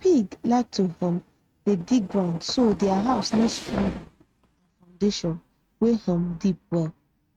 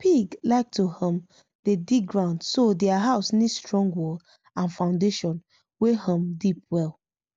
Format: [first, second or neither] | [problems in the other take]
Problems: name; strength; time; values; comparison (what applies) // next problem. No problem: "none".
second | noise reduction (neural mask model RNNoise)